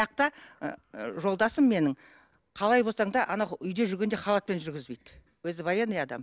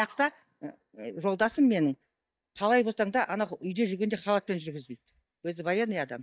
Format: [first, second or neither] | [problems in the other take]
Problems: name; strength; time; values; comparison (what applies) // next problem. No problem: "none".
first | noise reduction (neural mask model DeepFilterNet 3)